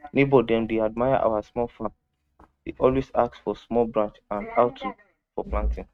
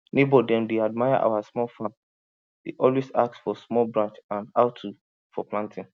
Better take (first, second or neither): second